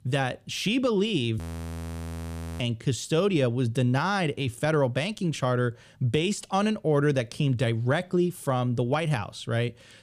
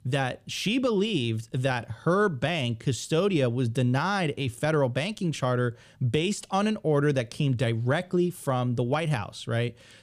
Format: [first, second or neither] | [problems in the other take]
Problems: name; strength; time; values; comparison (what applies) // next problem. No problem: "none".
second | audio freezing; at 1.5 s for 1 s